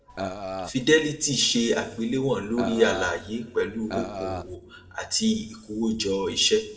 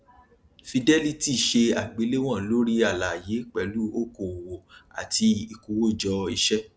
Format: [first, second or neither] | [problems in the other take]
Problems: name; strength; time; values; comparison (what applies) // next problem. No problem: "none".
second | background sound (Burping, eructation); 7 dB below the speech // room echo; dies away in 1 s